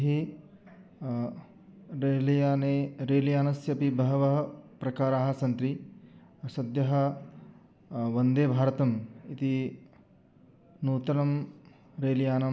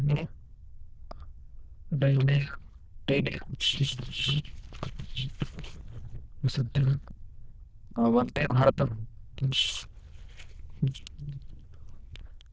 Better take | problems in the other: first | noise reduction (neural diffusion model UNIVERSE++)

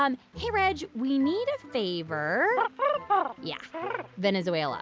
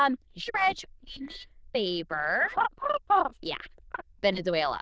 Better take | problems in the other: first | noise reduction (neural diffusion model UNIVERSE++)

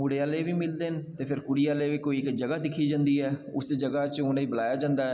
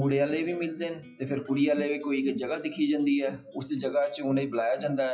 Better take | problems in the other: first | noise reduction (classical method WPE with log-MMSE)

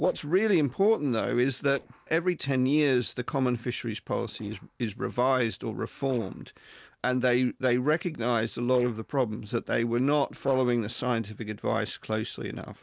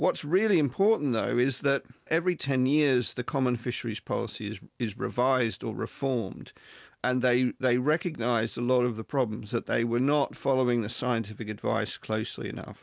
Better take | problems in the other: second | noise reduction (neural separator model SepFormer DNS4)

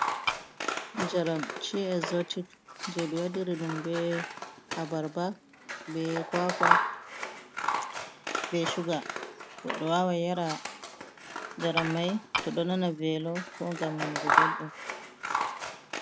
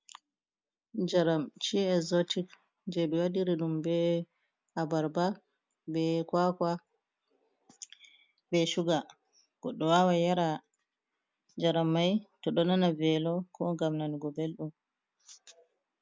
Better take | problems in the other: second | background sound (Tap / Glass + Scissors); as loud as the speech

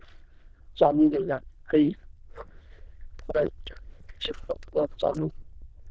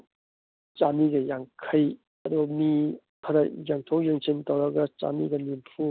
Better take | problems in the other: second | noise reduction (neural diffusion model UNIVERSE++)

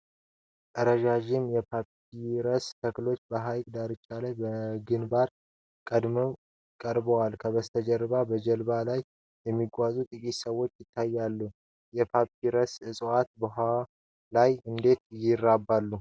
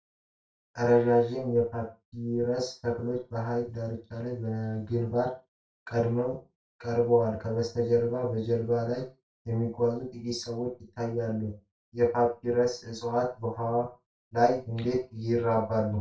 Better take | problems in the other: first | room echo; dies away in 0.3 s

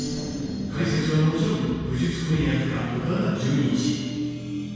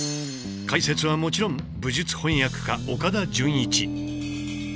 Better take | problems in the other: second | background sound (Wind); 16 dB below the speech // room echo; dies away in 2 s

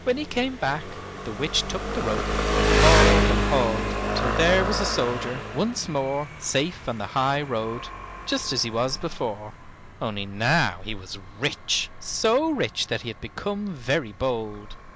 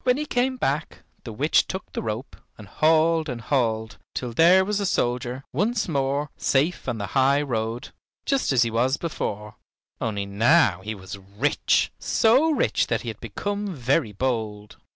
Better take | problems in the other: second | background sound (Engine); 1 dB below the speech

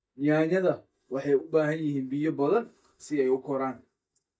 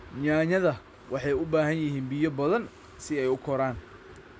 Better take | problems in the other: second | noise reduction (neural mask model DeepFilterNet 3)

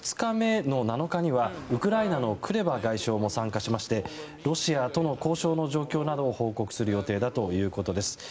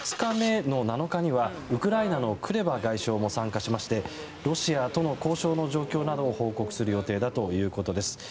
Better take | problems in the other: first | background sound (Engine starting); 17 dB below the speech

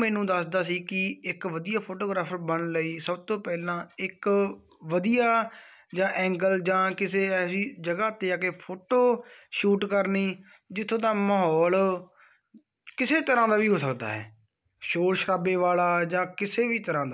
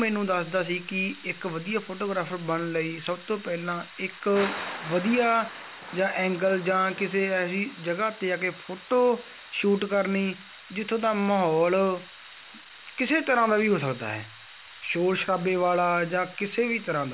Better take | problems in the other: first | background sound (Thunder / Rain); 16 dB below the speech

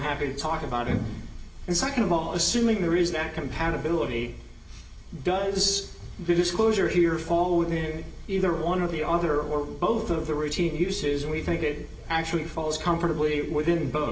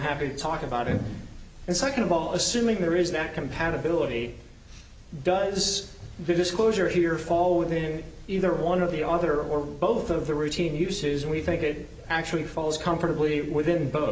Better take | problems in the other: second | room echo; dies away in 0.2 s

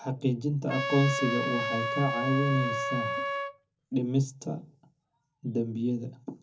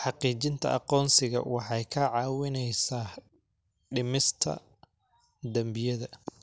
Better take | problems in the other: second | background sound (Trumpet); 2 dB below the speech // room echo; dies away in 0.3 s

